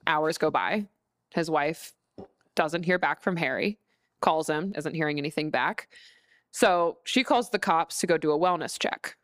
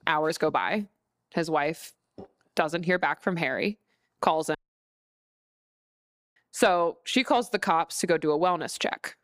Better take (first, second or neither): first